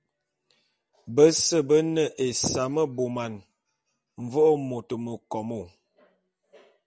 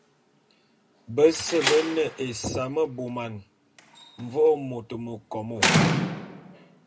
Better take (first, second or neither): first